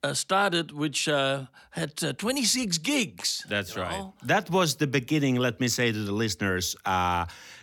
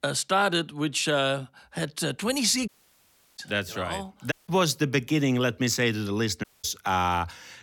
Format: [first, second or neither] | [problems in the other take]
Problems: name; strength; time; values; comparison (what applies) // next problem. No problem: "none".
first | audio cutting out; at 2.5 s for 0.5 s, at 4.5 s and at 6.5 s